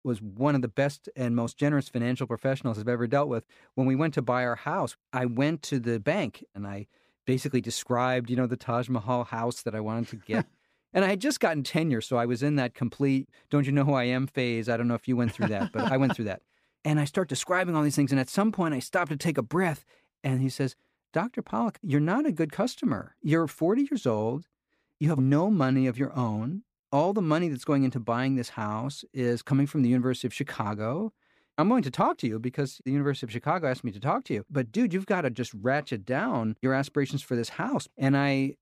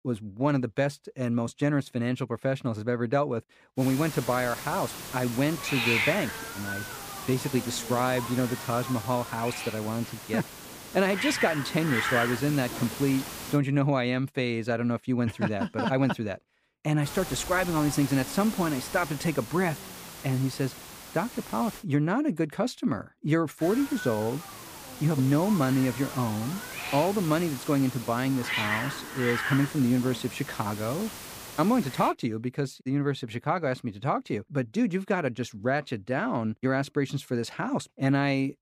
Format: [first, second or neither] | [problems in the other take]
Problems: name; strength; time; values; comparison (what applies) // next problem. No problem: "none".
first | hiss; loud; from 4 to 14 s, from 17 to 22 s and from 24 to 32 s; 7 dB below the speech